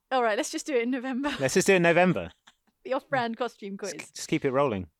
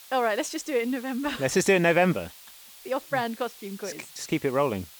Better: first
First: none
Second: hiss; noticeable; throughout; 20 dB below the speech

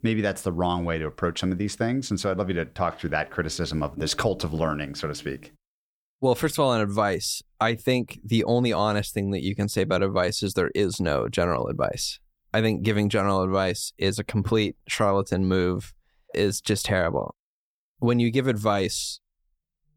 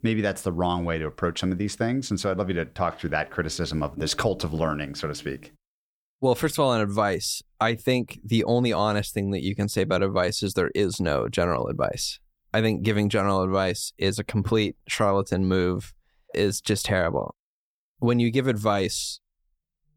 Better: neither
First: none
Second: none

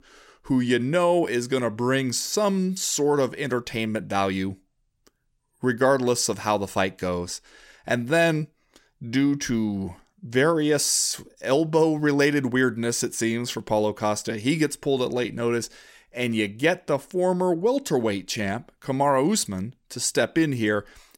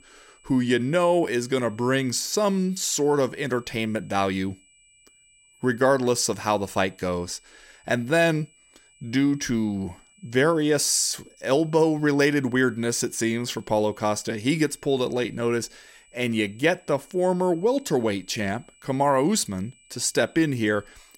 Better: first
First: none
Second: high-pitched whine; faint; throughout; 2.5 kHz, 30 dB below the speech

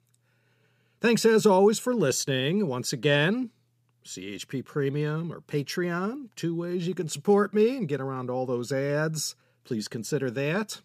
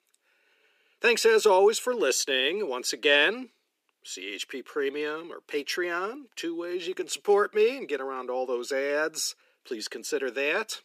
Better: first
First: none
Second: thin; very; fading below 300 Hz

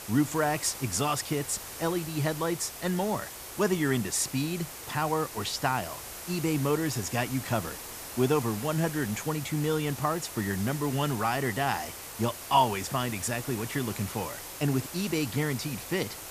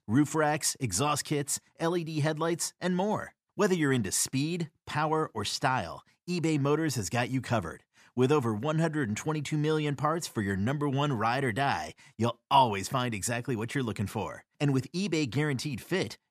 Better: second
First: hiss; loud; throughout; 9 dB below the speech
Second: none

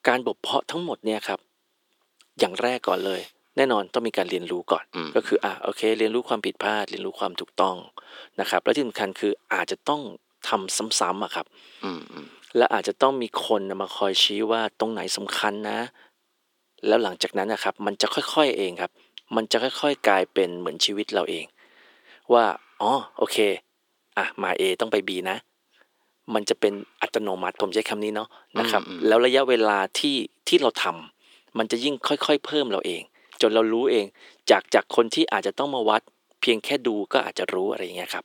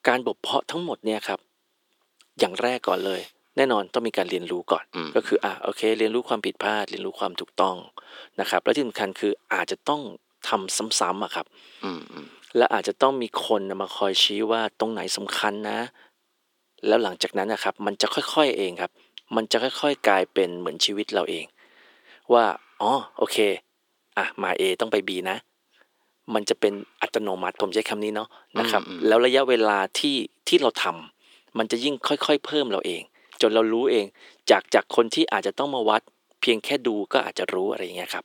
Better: neither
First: thin; somewhat; fading below 350 Hz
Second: thin; somewhat; fading below 350 Hz

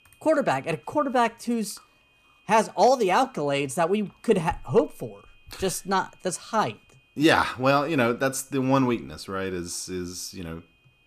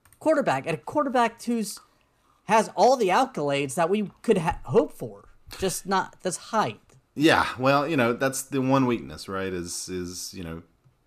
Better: second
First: high-pitched whine; faint; throughout; 2.5 kHz, 35 dB below the speech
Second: none

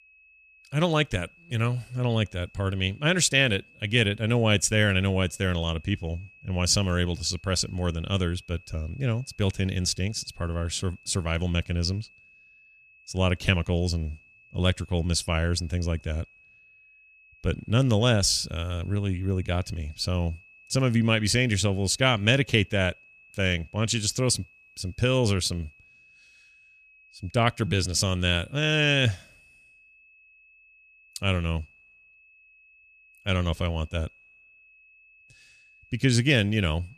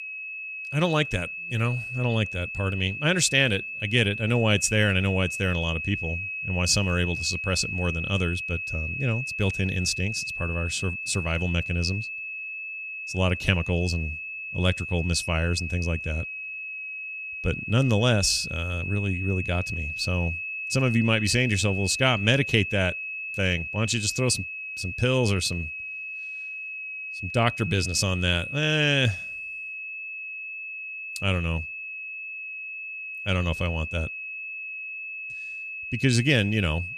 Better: first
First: high-pitched whine; faint; throughout; 2.5 kHz, 30 dB below the speech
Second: high-pitched whine; loud; throughout; 2.5 kHz, 6 dB below the speech

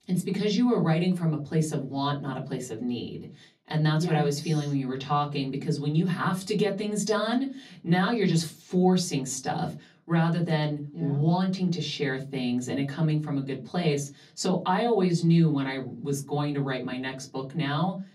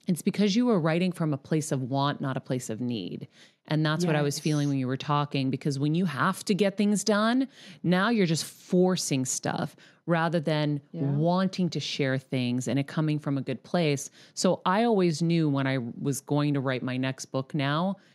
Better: second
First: off-mic speech; far // room echo; very slight; dies away in 0.2 s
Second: none

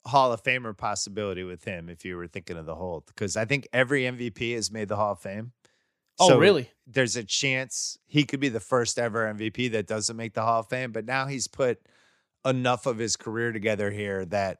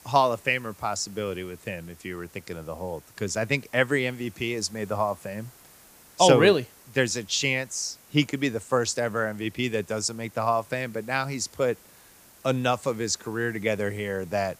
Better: first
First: none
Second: hiss; faint; throughout; 25 dB below the speech

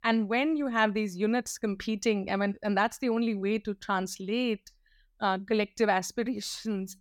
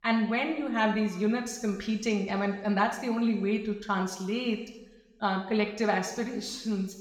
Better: first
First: none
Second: room echo; noticeable; dies away in 1 s // off-mic speech; somewhat distant

